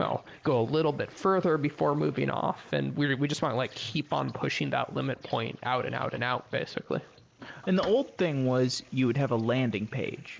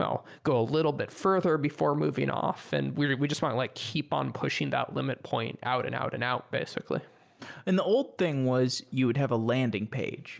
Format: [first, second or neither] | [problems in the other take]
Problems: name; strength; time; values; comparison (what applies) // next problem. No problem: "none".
second | noise reduction (neural mask model Resemble Enhance denoiser)